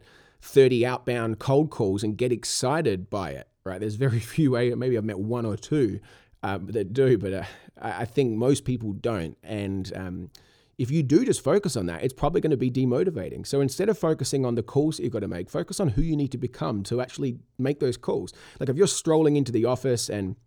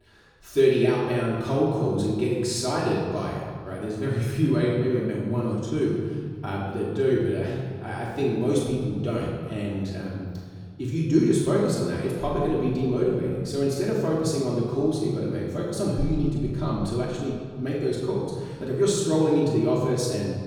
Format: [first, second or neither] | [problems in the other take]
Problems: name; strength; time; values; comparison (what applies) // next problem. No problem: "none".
first | off-mic speech; far // room echo; noticeable; dies away in 1.8 s